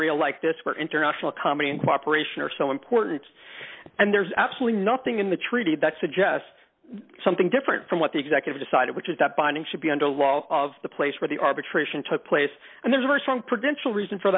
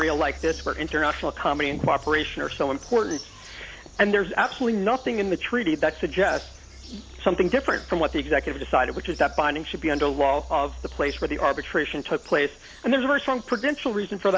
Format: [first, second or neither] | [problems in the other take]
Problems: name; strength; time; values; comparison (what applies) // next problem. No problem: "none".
first | background sound (Bird vocalization, bird call, bird song); 16 dB below the speech